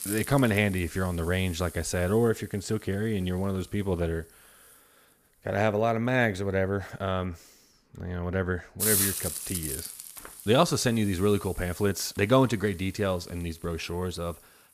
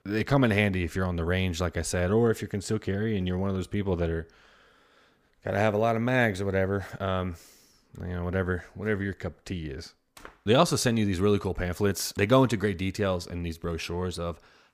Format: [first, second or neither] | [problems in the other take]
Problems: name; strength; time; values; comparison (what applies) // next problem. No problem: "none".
second | hiss; loud; throughout; 5 dB below the speech